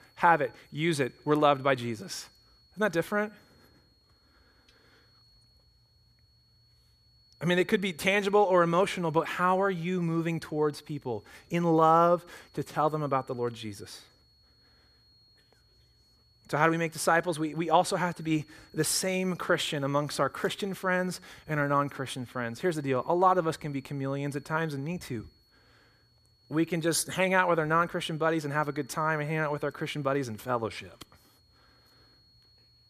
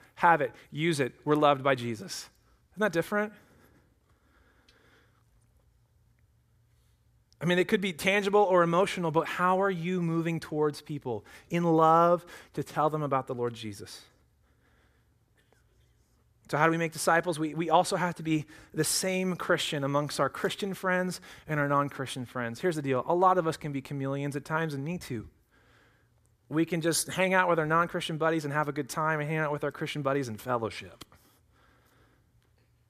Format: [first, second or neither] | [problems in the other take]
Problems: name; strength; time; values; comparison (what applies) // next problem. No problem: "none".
second | high-pitched whine; faint; throughout; 4.5 kHz, 35 dB below the speech